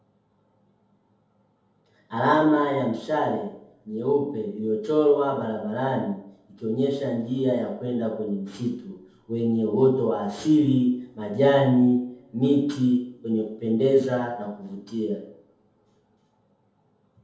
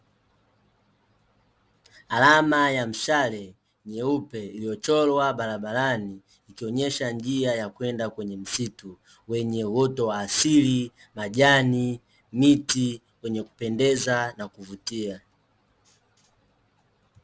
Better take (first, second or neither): second